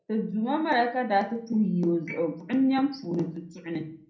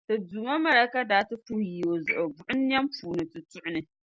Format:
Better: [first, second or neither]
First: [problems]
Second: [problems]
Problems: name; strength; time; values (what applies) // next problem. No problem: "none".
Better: second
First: room echo; dies away in 0.6 s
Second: none